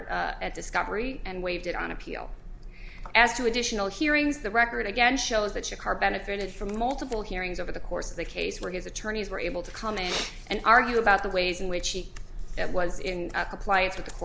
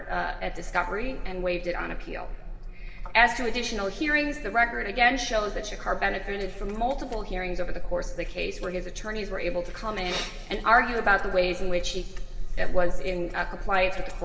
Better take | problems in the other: first | room echo; dies away in 2 s

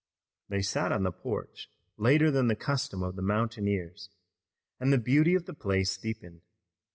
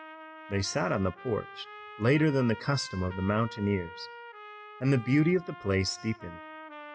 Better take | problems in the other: first | background sound (Trumpet); 16 dB below the speech

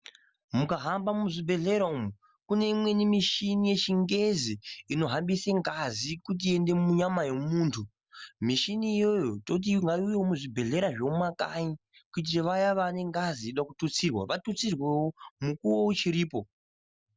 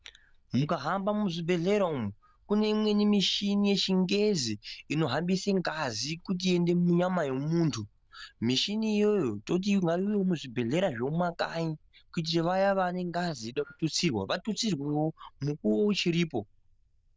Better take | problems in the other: first | noise reduction (neural diffusion model UNIVERSE++)

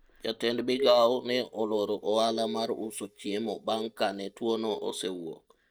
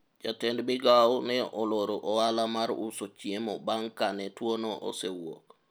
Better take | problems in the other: second | noise reduction (neural mask model DeepFilterNet 3)

